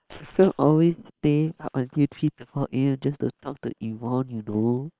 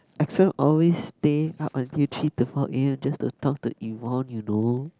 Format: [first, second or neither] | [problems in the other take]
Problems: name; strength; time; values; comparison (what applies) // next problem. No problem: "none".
second | noise reduction (neural separator model SepFormer WHAM!)